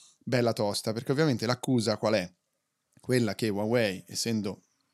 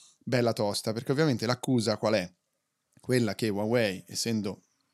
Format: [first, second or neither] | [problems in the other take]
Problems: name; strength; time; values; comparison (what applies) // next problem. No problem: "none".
neither | none